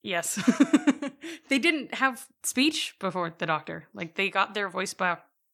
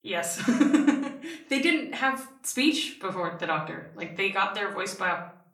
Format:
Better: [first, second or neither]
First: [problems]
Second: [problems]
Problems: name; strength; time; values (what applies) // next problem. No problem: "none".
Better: first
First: none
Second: room echo; very slight; dies away in 0.4 s // off-mic speech; somewhat distant